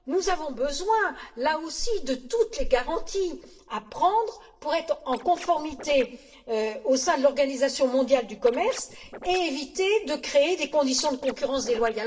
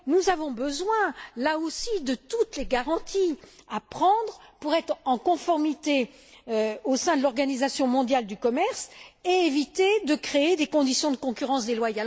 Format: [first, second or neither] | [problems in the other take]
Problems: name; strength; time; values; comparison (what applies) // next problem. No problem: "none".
second | noise reduction (neural separator model SepFormer DNS4)